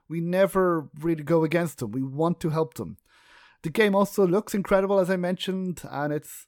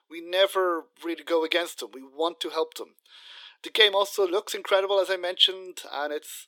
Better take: first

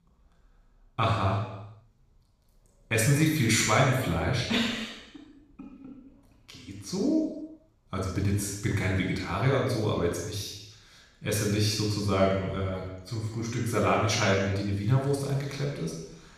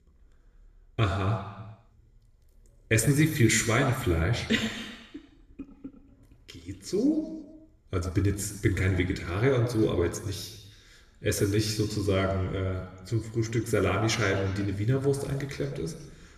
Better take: second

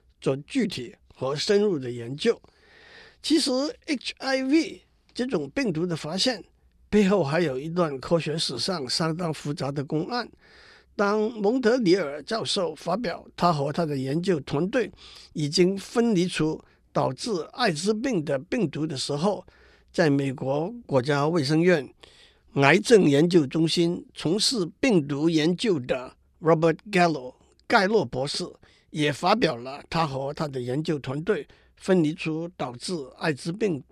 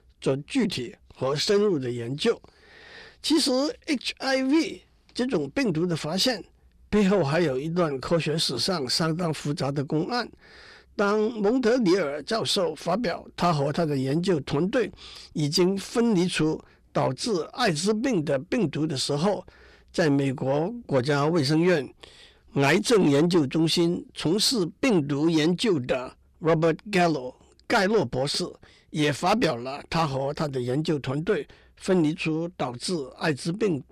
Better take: first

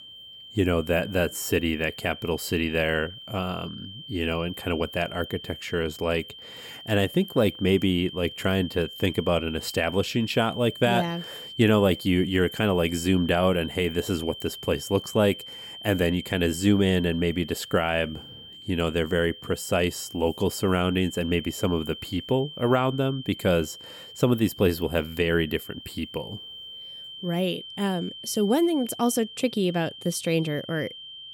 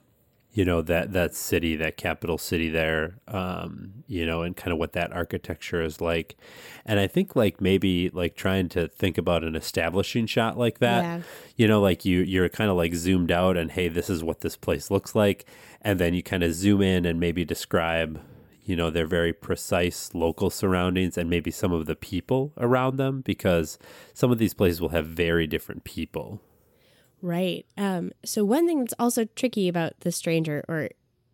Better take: second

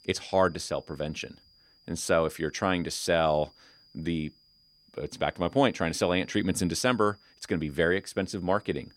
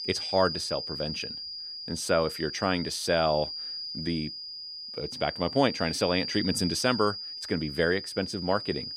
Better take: first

